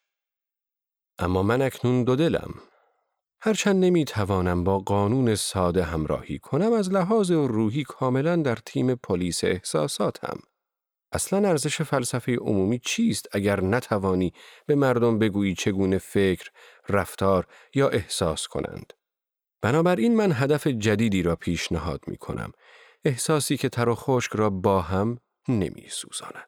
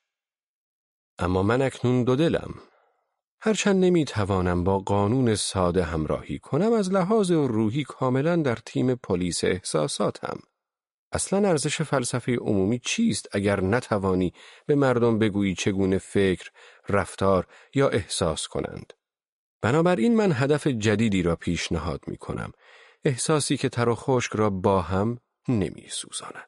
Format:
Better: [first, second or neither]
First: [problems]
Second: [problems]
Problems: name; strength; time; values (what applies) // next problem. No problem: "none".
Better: first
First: none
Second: garbled, watery; slightly; nothing above 10.5 kHz